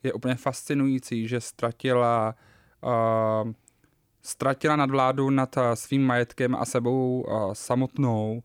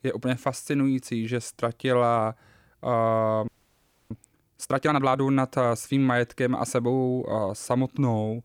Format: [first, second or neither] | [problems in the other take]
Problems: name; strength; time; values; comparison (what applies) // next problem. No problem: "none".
first | audio freezing; at 3.5 s for 0.5 s